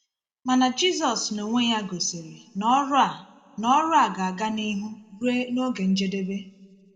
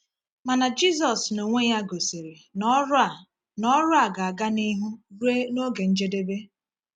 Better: second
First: room echo; dies away in 1.5 s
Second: none

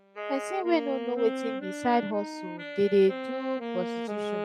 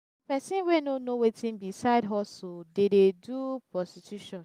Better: second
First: noise reduction (classical method log-MMSE)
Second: none

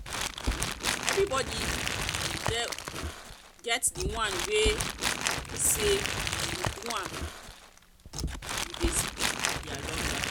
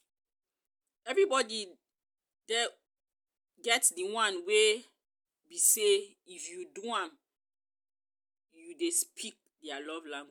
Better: second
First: background sound (Crumpling, crinkling); 2 dB above the speech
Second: none

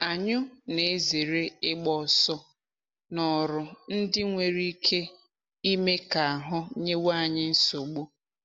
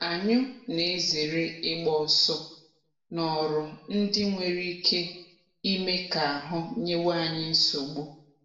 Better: first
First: none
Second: room echo; dies away in 0.7 s

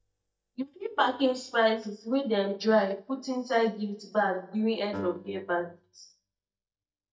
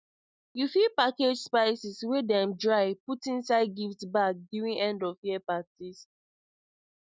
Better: second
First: noise reduction (neural mask model DeepFilterNet 3)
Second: none

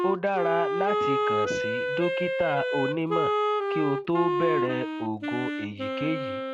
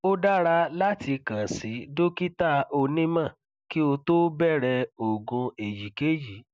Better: second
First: background sound (Wind instrument, woodwind instrument); 2 dB above the speech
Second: none

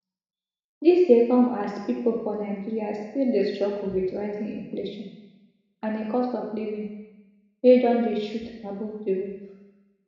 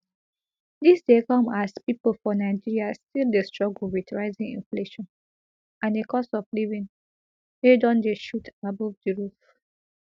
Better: second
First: room echo; dies away in 1 s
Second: none

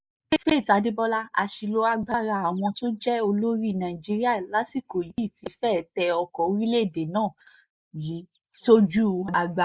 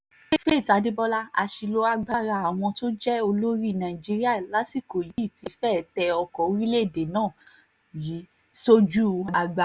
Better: second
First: noise reduction (neural mask model Resemble Enhance denoiser)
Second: none

